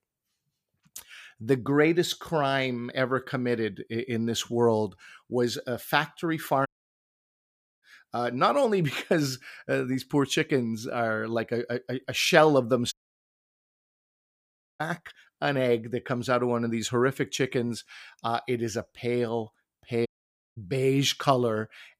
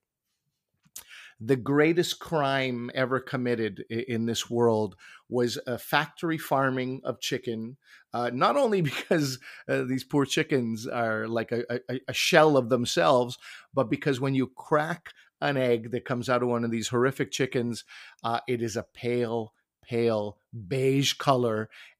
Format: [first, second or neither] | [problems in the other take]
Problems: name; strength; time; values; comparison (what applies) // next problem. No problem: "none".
second | audio cutting out; at 6.5 s for 1 s, at 13 s for 2 s and at 20 s for 0.5 s